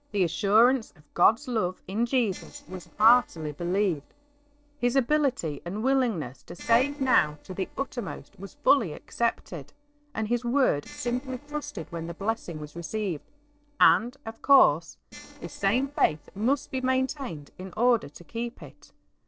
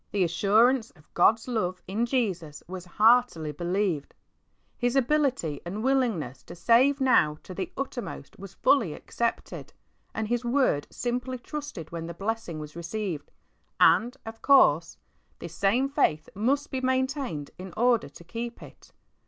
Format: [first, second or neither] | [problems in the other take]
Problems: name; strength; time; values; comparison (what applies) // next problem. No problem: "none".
second | noise reduction (neural separator model SepFormer DNS4)